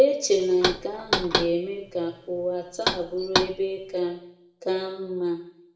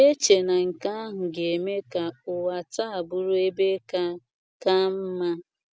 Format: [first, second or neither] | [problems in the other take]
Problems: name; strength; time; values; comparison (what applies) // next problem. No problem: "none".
second | background sound (Knock); 3 dB below the speech // room echo; dies away in 0.7 s